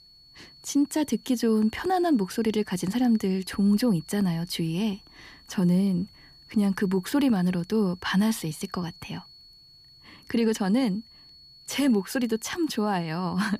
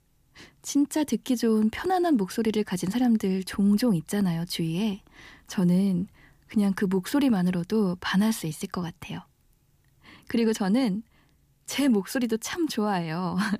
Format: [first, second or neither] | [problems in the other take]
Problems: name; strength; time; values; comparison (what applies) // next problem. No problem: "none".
second | high-pitched whine; faint; throughout; 4.5 kHz, 25 dB below the speech